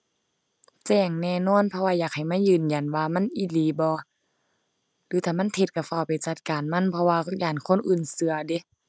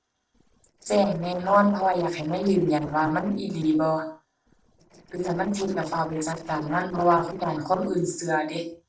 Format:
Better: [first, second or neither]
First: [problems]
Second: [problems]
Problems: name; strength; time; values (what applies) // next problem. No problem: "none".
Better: first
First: none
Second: noise reduction (neural separator model SepFormer DNS4)